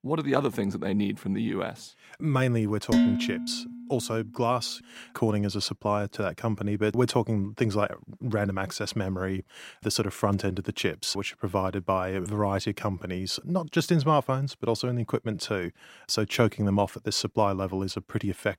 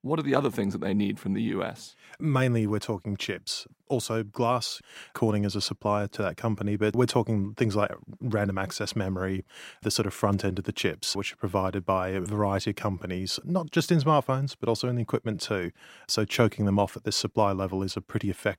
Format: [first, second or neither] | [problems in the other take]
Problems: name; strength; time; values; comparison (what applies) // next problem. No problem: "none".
second | clattering dishes; loud; at 3 s; peak 5 dB above the speech